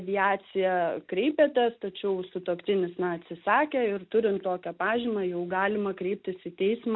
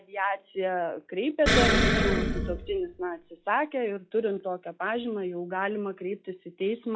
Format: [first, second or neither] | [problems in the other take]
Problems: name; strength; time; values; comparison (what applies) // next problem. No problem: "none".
first | noise reduction (classical method log-MMSE)